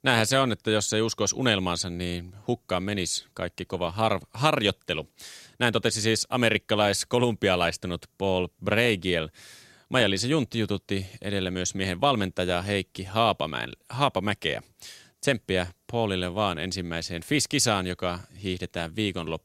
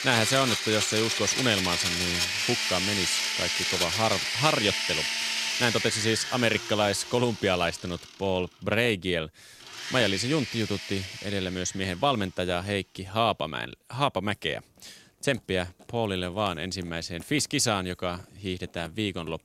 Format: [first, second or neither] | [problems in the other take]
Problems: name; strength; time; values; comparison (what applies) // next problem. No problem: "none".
first | household noises; very loud; throughout; as loud as the speech